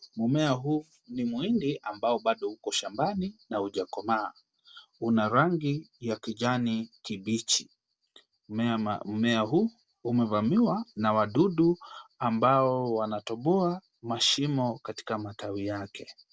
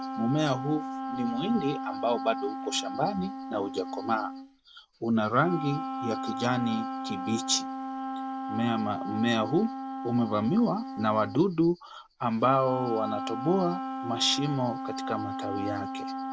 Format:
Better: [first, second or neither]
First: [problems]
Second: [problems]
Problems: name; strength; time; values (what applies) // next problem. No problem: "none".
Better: first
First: none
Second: background sound (Wind instrument, woodwind instrument); 6 dB below the speech